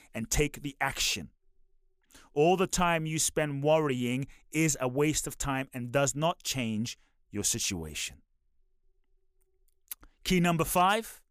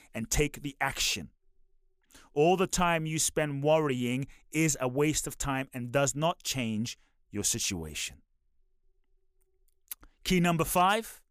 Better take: neither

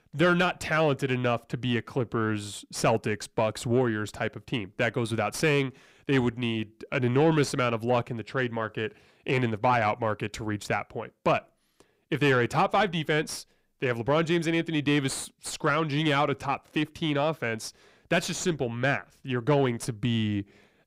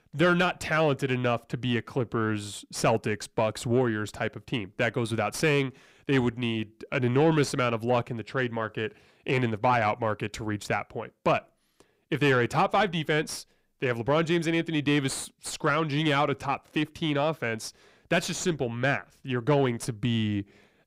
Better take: neither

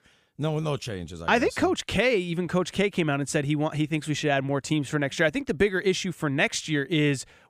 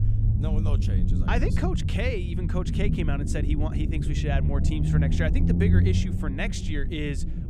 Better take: first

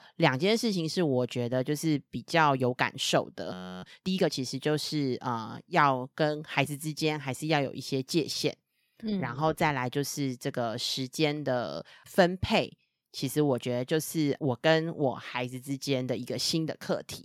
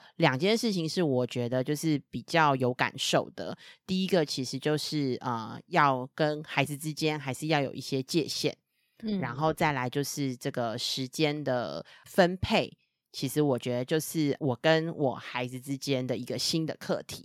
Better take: second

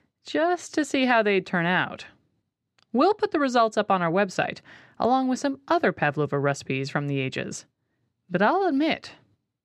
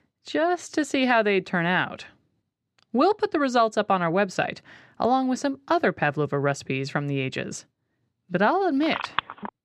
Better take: first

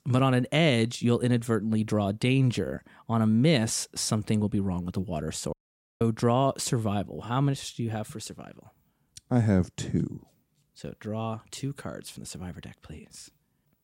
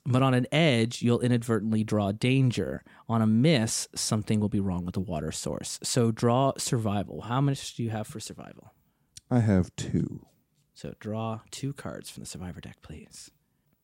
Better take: second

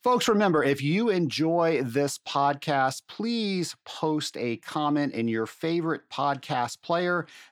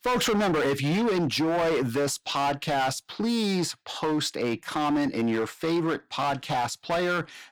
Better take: first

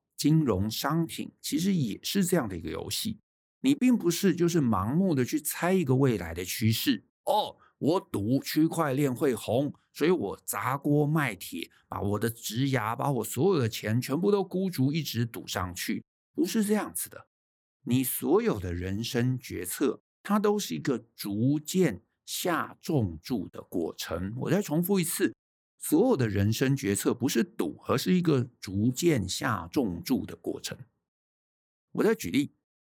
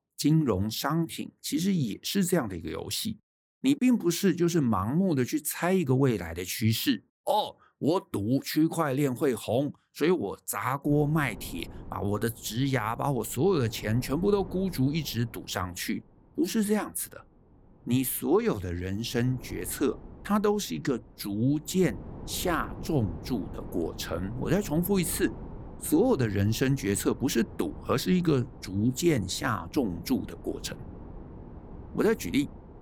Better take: first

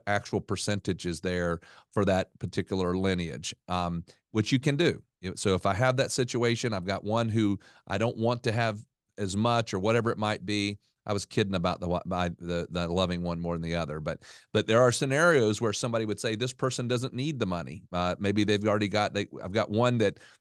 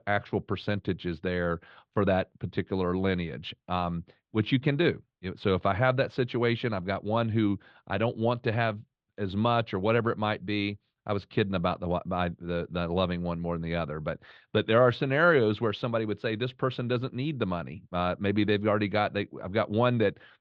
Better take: first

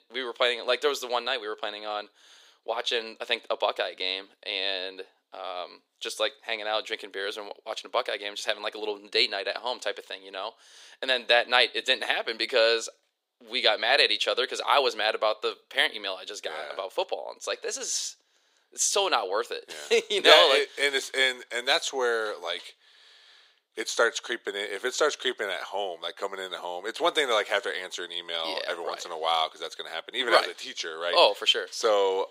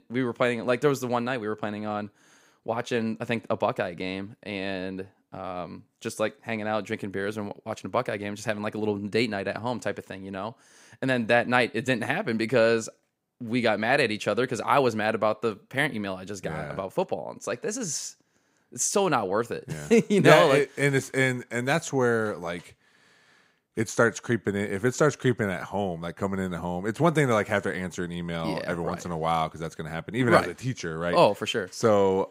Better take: second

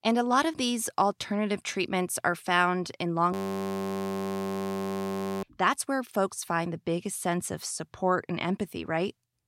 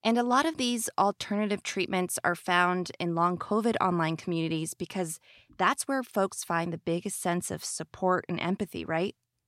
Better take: second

